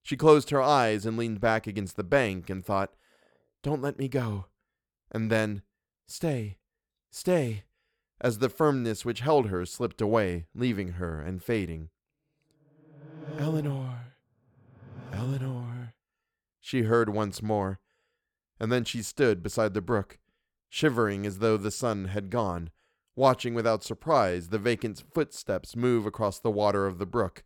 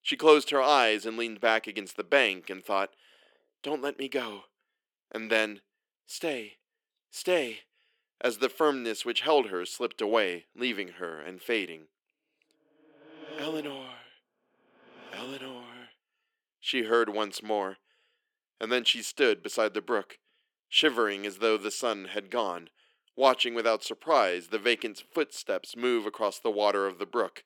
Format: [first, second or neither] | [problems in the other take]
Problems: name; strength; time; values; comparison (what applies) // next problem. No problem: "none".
first | thin; somewhat; fading below 300 Hz